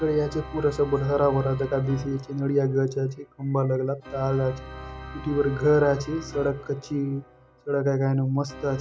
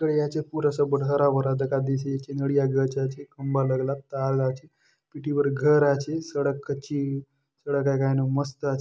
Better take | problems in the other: second | background sound (Organ); 16 dB below the speech

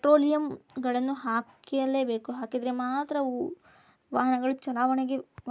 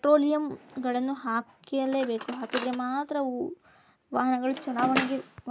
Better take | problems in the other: first | background sound (Drawer open or close); 11 dB below the speech

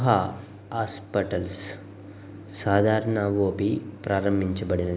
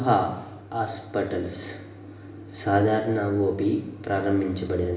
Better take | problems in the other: first | room echo; dies away in 0.8 s

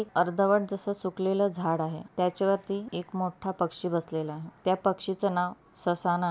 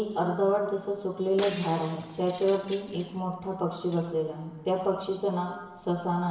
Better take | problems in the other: first | background sound (Shatter); 17 dB below the speech // room echo; dies away in 1.1 s

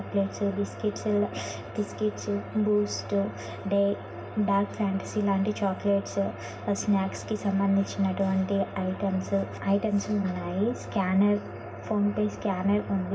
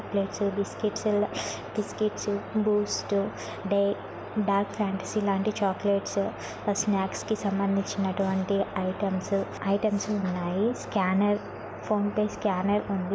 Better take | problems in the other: second | room echo; dies away in 0.4 s

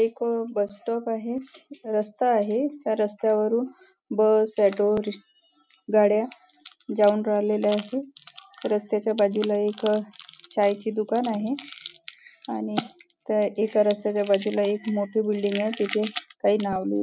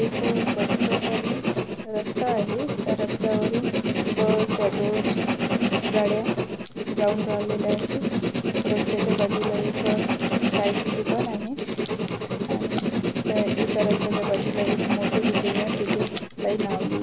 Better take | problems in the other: first | background sound (Writing); 3 dB above the speech

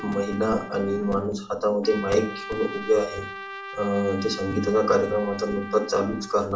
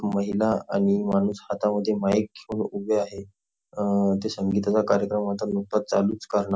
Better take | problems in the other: second | background sound (Trumpet); 13 dB below the speech // room echo; dies away in 0.4 s

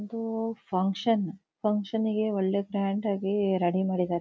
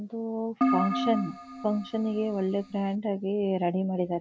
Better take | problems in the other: first | background sound (Keyboard (musical)); 3 dB below the speech

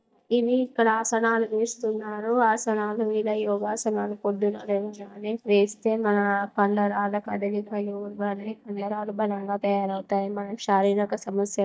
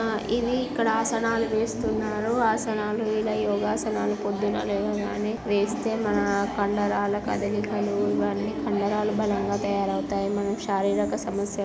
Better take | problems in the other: second | noise reduction (neural mask model DeepFilterNet 3)

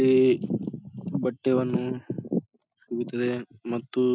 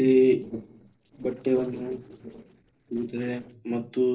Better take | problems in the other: first | noise reduction (neural separator model SepFormer DNS4)

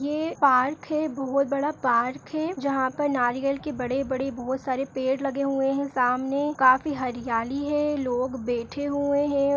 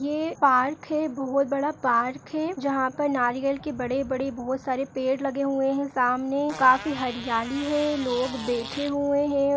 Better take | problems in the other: first | background sound (Fart); 14 dB below the speech

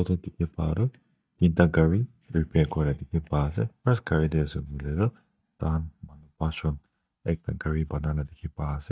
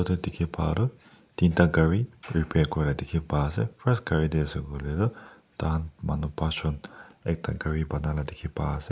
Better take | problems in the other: second | noise reduction (neural mask model DeepFilterNet 3)

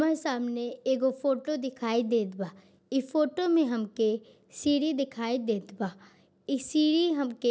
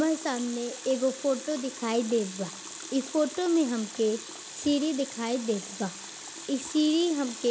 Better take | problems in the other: first | background sound (Water tap, faucet); 12 dB below the speech

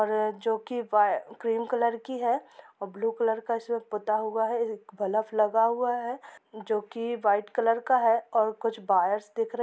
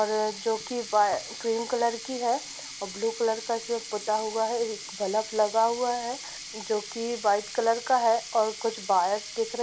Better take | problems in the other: first | background sound (Sink (filling or washing)); 12 dB below the speech

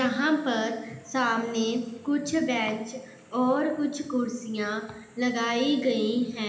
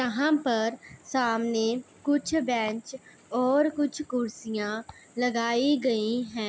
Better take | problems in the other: second | room echo; dies away in 0.9 s

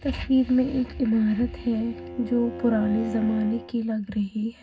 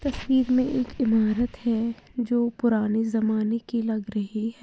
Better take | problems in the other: second | background sound (Bowed string instrument); 14 dB below the speech // room echo; dies away in 0.4 s

